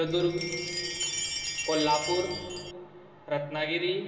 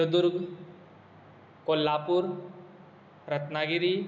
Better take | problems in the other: second | background sound (Chime); 5 dB below the speech // room echo; dies away in 2.4 s

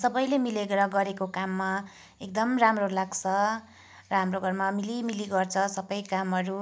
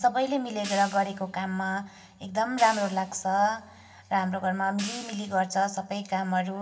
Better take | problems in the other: first | background sound (Hi-hat); 16 dB below the speech // room echo; dies away in 1.5 s

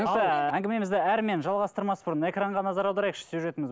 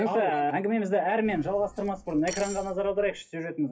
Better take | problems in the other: first | noise reduction (classical method WPE with log-MMSE)

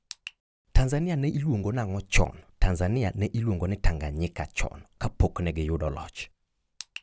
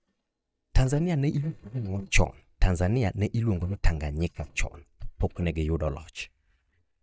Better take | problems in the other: first | noise reduction (neural mask model DeepFilterNet 3)

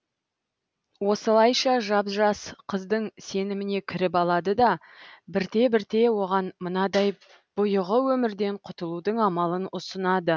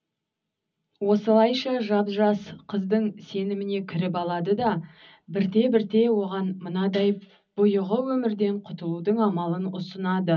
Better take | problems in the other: first | room echo; dies away in 0.4 s

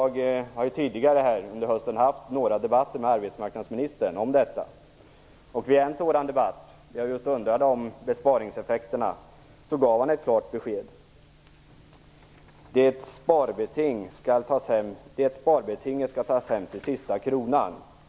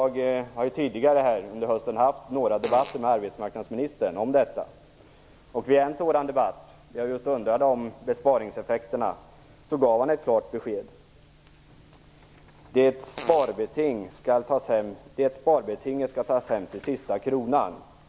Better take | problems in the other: first | background sound (Fart); 16 dB below the speech

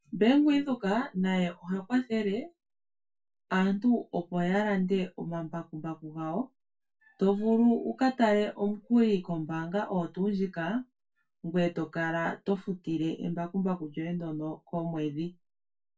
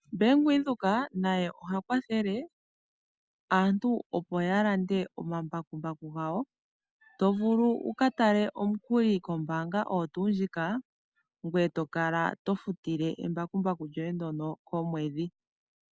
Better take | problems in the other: second | room echo; dies away in 0.2 s

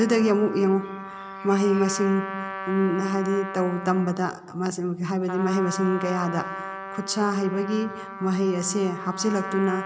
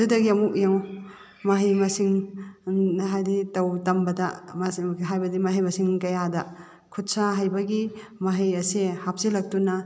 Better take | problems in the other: second | background sound (Trumpet); 10 dB below the speech

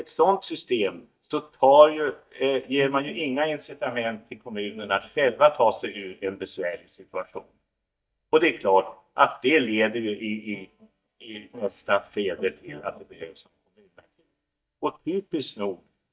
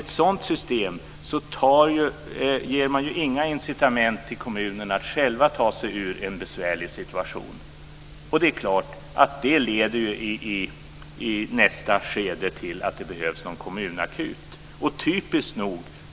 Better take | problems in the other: second | noise reduction (neural mask model DeepFilterNet 3)

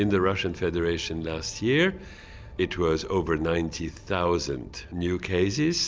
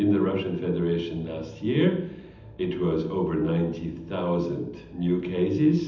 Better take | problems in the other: first | room echo; dies away in 0.8 s

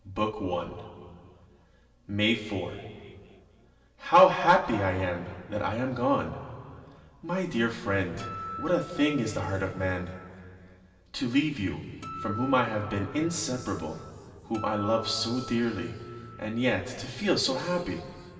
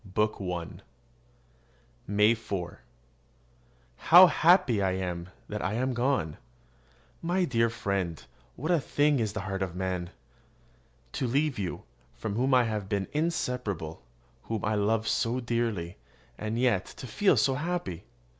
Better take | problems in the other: second | background sound (Acoustic guitar); 13 dB below the speech // room echo; dies away in 2.2 s

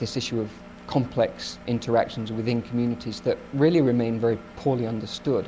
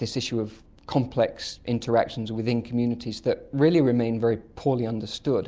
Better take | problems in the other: second | background sound (Engine); 19 dB below the speech

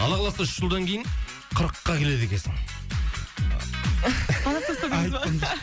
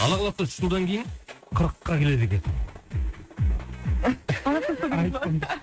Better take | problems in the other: first | noise reduction (neural mask model RNNoise)

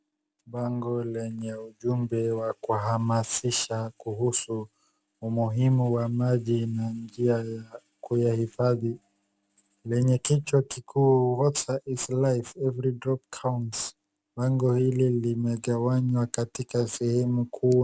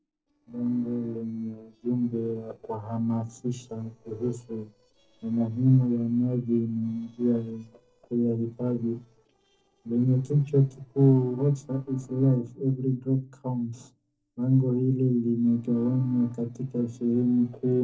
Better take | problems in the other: first | noise reduction (neural separator model SepFormer DNS4)

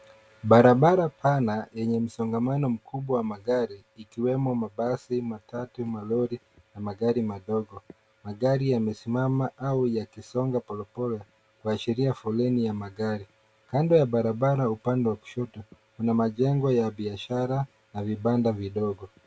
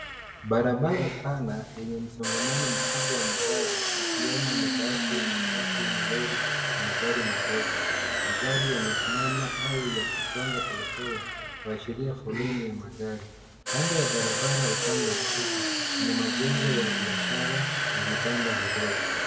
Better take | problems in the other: first | background sound (Domestic sounds, home sounds); 3 dB above the speech // room echo; dies away in 1.5 s

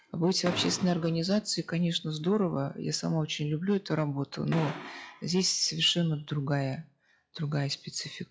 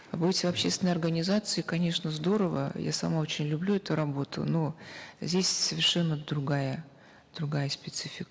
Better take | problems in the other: second | noise reduction (classical method log-MMSE)

